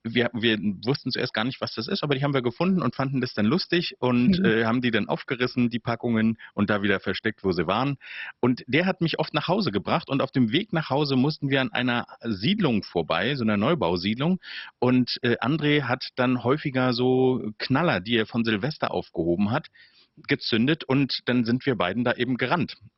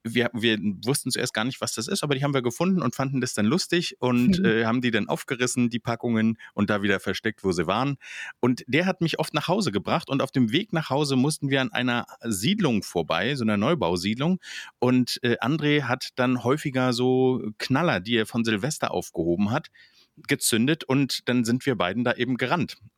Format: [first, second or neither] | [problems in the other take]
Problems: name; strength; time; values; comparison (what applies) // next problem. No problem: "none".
second | garbled, watery; badly; nothing above 5.5 kHz